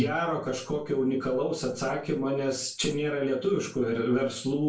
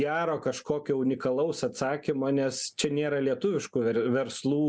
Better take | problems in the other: second | room echo; dies away in 0.3 s

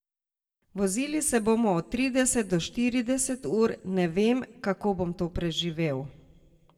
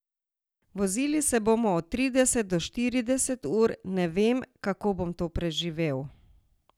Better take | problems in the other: second | room echo; dies away in 0.6 s

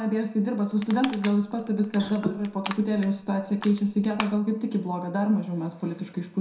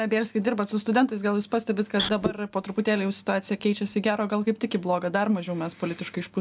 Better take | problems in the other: second | background sound (Crushing); 15 dB below the speech // room echo; dies away in 0.6 s

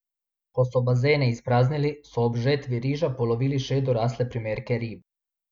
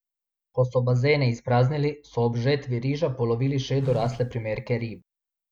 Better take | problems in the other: first | background sound (Telephone); 14 dB below the speech

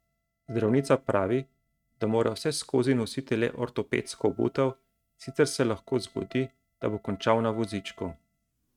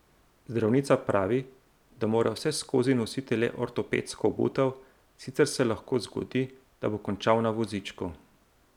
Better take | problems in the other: second | noise reduction (neural mask model RNNoise)

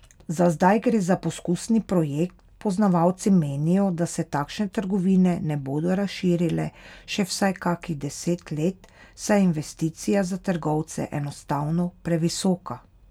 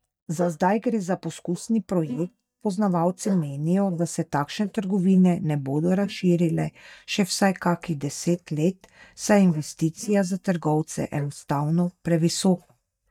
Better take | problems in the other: first | noise reduction (neural mask model DeepFilterNet 3)

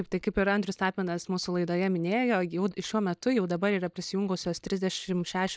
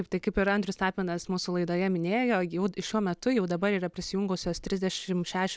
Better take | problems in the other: second | noise reduction (neural mask model DeepFilterNet 3)

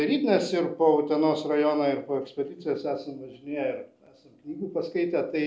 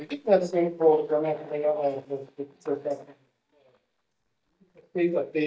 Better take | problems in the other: first | noise reduction (neural mask model DeepFilterNet 3)

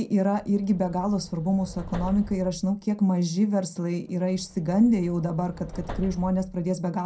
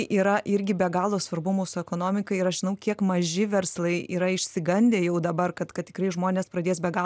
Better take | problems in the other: second | background sound (Subway, metro, underground); 15 dB below the speech // room echo; dies away in 0.2 s

